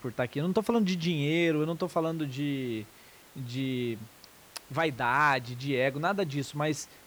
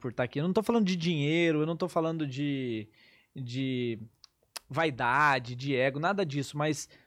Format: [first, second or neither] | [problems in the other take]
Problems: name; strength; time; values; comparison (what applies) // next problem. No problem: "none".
second | hiss; faint; throughout; 25 dB below the speech